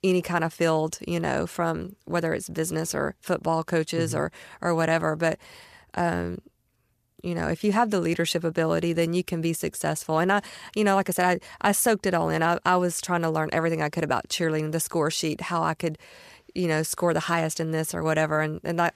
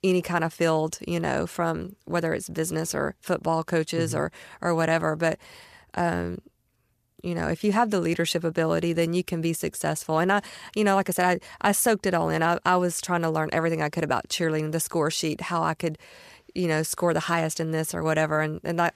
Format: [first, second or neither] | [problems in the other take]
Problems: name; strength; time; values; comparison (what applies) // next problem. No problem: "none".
neither | none